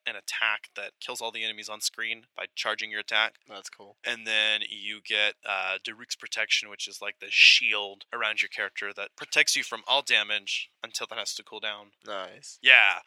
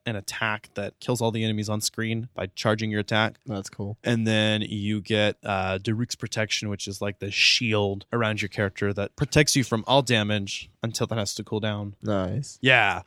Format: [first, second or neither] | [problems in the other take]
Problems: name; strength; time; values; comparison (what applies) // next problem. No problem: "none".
second | thin; very; fading below 750 Hz